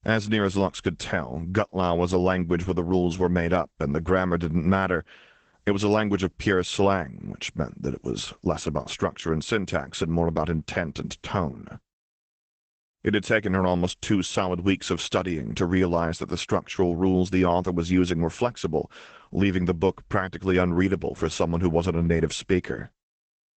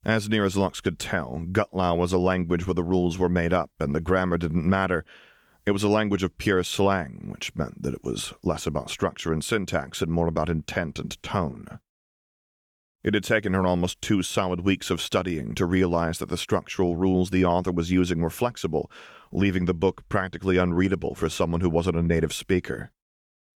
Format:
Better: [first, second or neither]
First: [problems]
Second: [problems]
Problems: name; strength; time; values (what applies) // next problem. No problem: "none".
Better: second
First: garbled, watery; badly; nothing above 8 kHz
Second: none